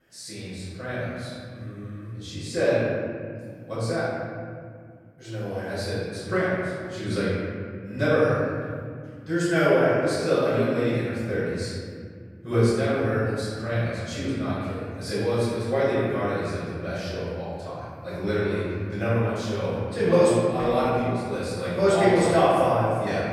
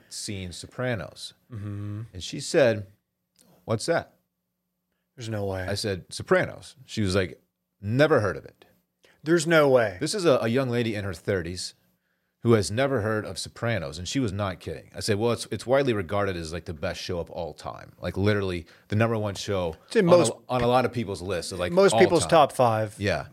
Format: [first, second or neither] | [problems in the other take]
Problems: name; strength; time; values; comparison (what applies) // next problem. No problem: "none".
second | room echo; strong; dies away in 2.2 s // off-mic speech; far